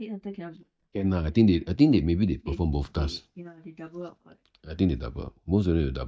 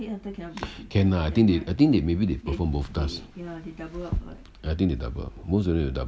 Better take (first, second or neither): second